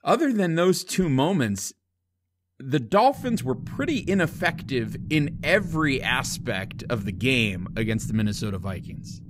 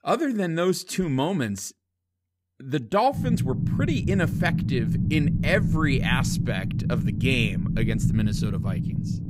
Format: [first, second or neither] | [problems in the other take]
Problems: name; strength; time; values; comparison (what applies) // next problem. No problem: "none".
first | low rumble; loud; from 3 s on; 8 dB below the speech; faint in the first